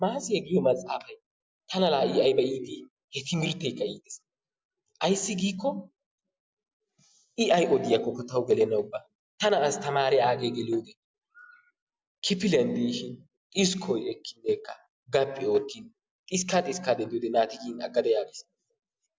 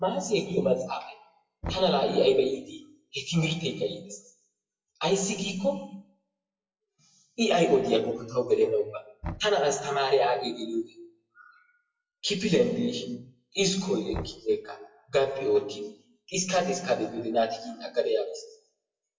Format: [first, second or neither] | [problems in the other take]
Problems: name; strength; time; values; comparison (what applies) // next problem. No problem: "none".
first | noise reduction (classical method WPE with log-MMSE)